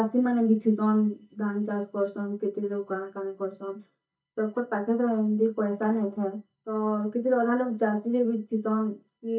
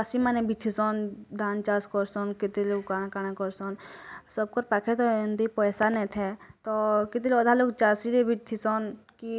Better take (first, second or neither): second